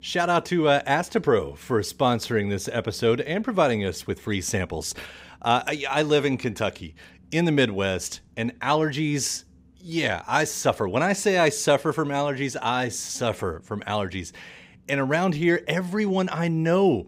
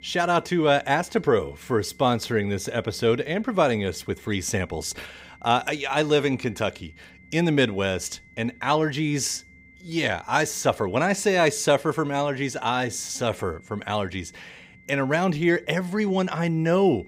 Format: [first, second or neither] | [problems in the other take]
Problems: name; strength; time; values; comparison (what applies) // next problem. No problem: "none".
first | high-pitched whine; faint; throughout; 2 kHz, 30 dB below the speech